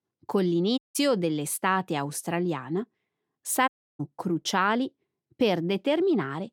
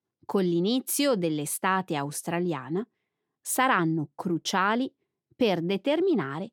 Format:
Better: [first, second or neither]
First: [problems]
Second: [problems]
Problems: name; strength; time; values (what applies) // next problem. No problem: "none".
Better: second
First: audio cutting out; at 1 s and at 3.5 s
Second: none